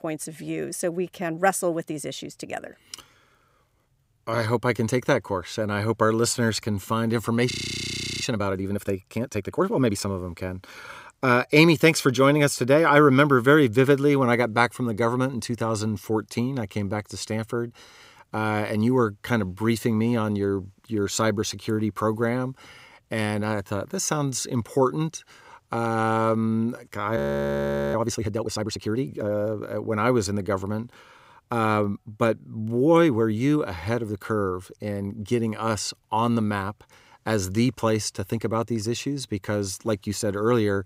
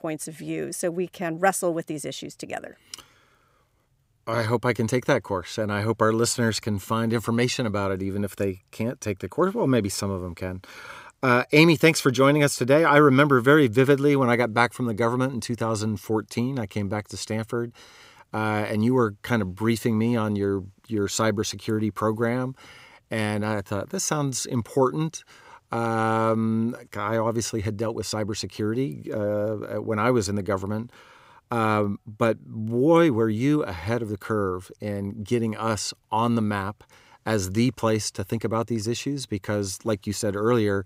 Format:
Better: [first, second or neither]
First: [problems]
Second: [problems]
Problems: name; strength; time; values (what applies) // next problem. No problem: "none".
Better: second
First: audio freezing; at 7.5 s for 0.5 s and at 27 s for 1 s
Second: none